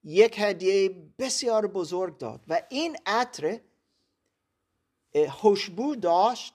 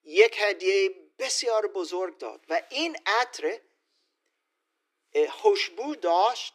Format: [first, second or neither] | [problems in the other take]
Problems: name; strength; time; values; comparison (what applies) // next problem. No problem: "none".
first | thin; somewhat; fading below 300 Hz